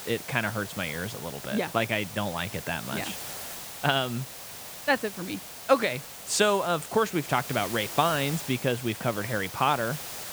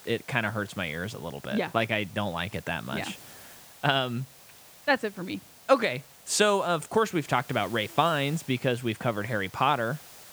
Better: second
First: hiss; loud; throughout; 9 dB below the speech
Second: hiss; faint; throughout; 20 dB below the speech

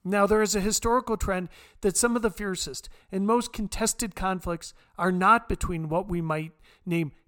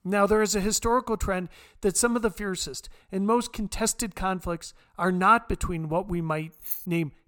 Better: first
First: none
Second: jangling keys; noticeable; at 6.5 s; peak 6 dB below the speech

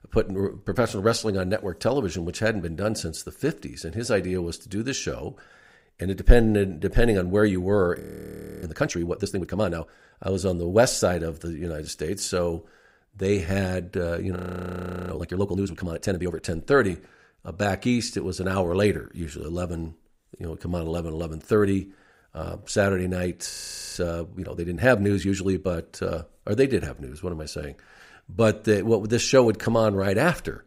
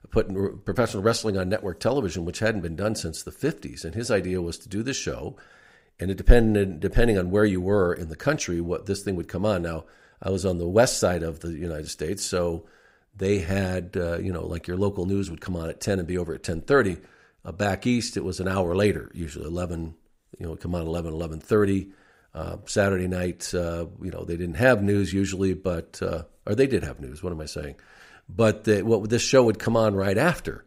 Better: second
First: audio freezing; at 8 s for 0.5 s, at 14 s for 0.5 s and at 24 s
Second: none

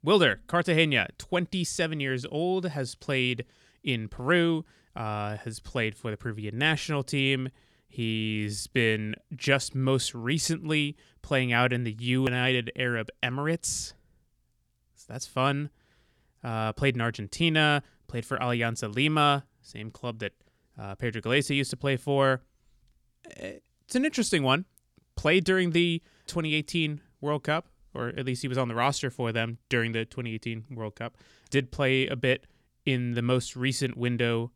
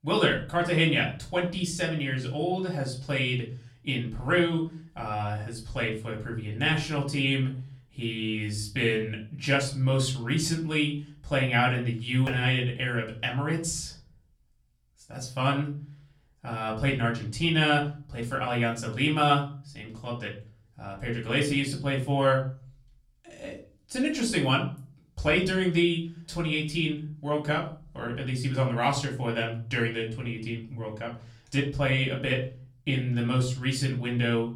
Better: first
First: none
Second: off-mic speech; far // room echo; slight; dies away in 0.4 s

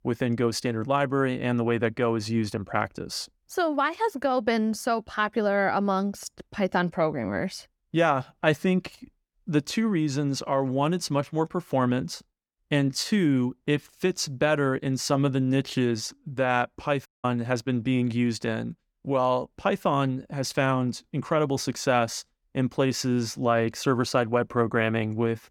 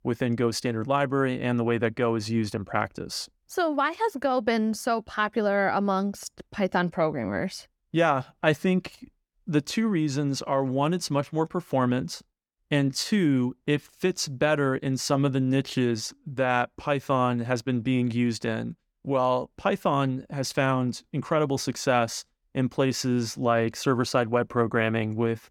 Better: second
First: audio cutting out; at 17 s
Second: none

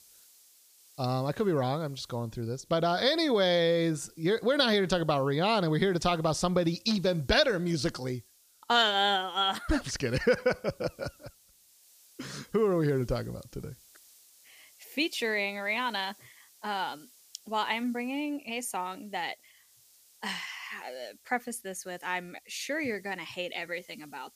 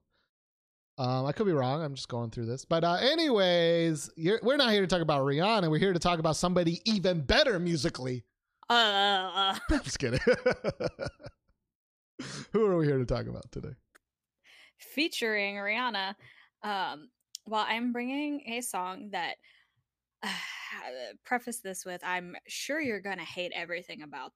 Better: second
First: hiss; faint; throughout; 30 dB below the speech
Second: none

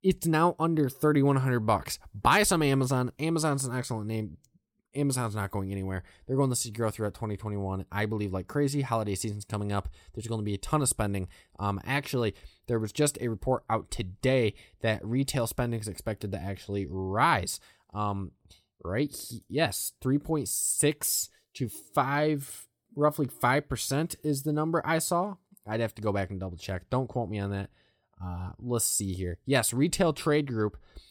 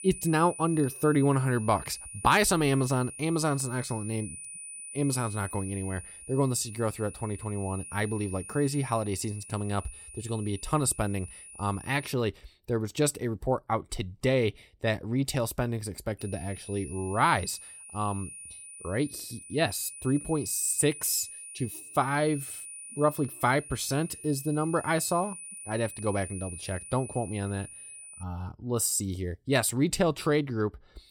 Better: first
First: none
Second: high-pitched whine; noticeable; until 12 s and from 16 to 28 s; 9.5 kHz, 10 dB below the speech

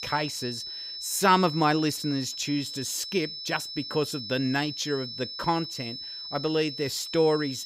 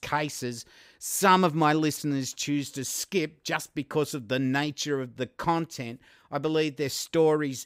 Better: second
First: high-pitched whine; loud; throughout; 5.5 kHz, 7 dB below the speech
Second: none

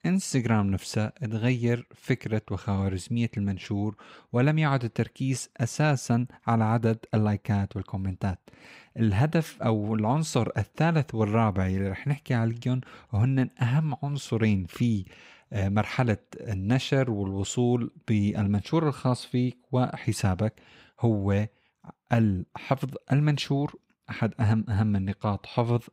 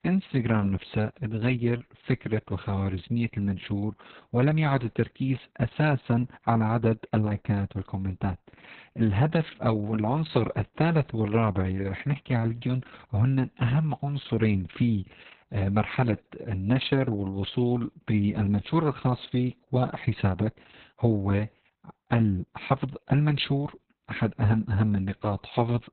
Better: first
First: none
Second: garbled, watery; badly; nothing above 4 kHz

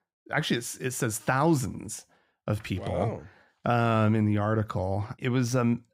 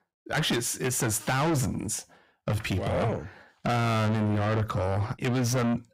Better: first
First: none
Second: distortion; heavy; 5 dB below the speech

